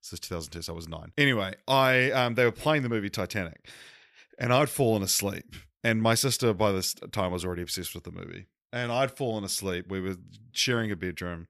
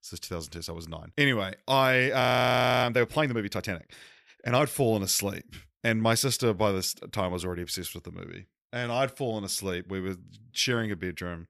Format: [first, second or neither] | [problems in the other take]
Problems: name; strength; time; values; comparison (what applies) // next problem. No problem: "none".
first | audio freezing; at 2 s for 0.5 s